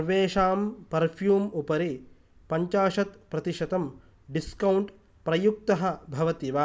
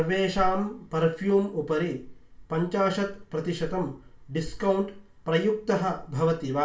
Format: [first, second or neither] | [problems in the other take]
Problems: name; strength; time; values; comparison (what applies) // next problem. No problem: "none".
first | room echo; dies away in 0.3 s